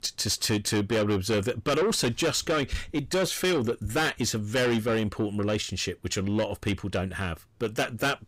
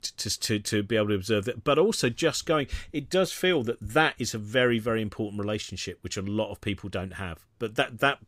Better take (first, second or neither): second